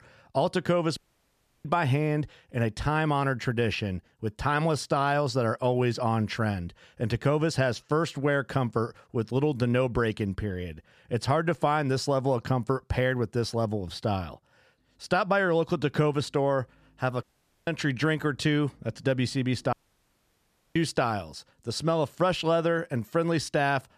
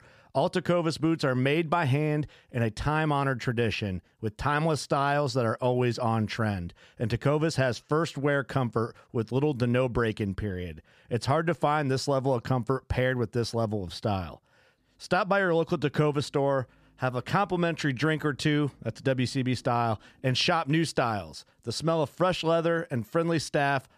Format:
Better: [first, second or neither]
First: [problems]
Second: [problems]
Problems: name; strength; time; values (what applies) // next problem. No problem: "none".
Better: second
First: audio cutting out; at 1 s for 0.5 s, at 17 s and at 20 s for 1 s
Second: none